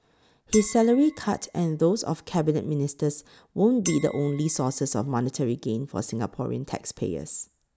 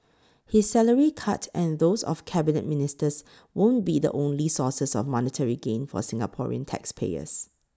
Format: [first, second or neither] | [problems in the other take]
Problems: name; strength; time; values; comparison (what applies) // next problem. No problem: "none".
second | background sound (Chink, clink); 17 dB below the speech